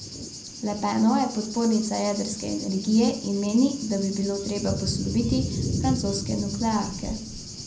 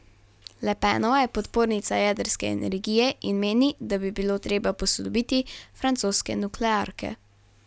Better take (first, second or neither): second